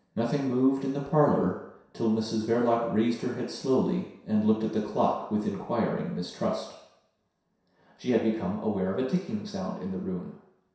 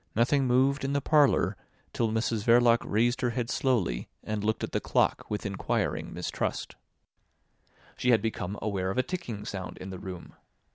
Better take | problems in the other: second | room echo; dies away in 0.7 s

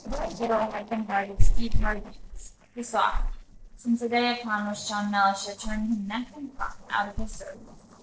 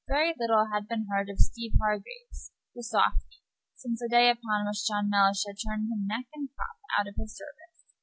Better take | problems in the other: second | noise reduction (neural separator model SepFormer DNS4)

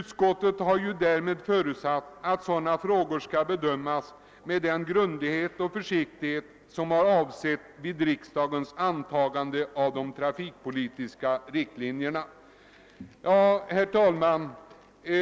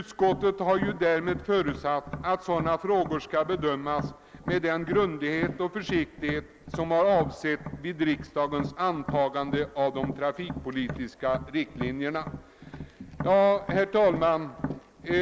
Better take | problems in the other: first | background sound (Tap); 11 dB below the speech

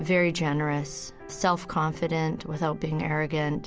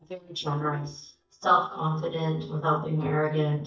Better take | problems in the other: first | noise reduction (neural mask model DeepFilterNet 3)

